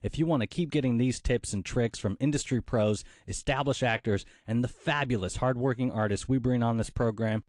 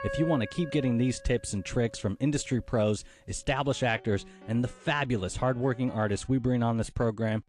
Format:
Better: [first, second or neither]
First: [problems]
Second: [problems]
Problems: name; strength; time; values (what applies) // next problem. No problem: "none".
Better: first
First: none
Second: background music; noticeable; throughout; 15 dB below the speech